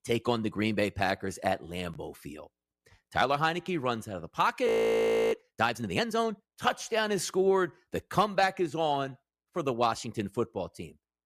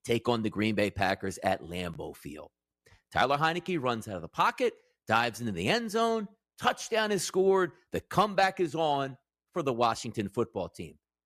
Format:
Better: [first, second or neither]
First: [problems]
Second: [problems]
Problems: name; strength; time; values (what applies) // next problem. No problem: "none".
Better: second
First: audio freezing; at 4.5 s for 0.5 s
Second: none